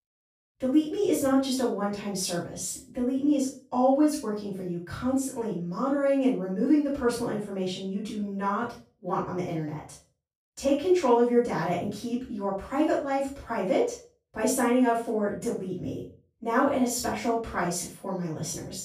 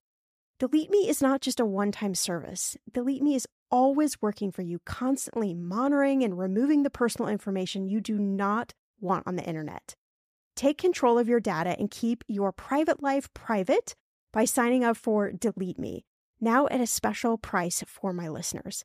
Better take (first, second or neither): second